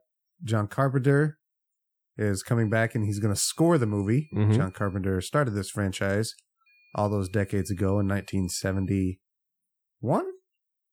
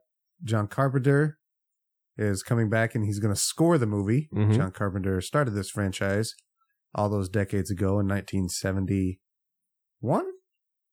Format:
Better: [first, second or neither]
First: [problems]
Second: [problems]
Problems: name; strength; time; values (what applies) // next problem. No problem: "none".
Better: second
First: high-pitched whine; faint; from 2.5 to 5 s and from 6.5 to 9 s; 2.5 kHz, 35 dB below the speech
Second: none